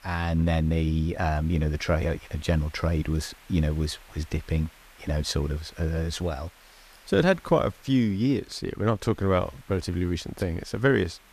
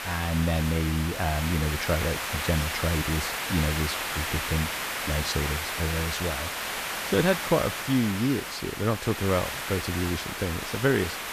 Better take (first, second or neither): first